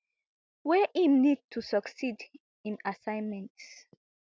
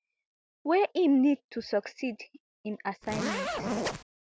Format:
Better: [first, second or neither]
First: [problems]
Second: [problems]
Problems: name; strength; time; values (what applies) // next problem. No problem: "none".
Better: first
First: none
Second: background sound (Zipper (clothing)); 2 dB below the speech